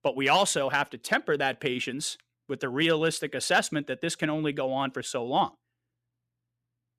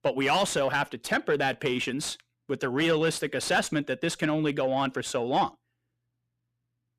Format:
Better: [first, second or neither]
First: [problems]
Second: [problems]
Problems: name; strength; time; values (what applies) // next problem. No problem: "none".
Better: first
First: none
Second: distortion; slight; 10 dB below the speech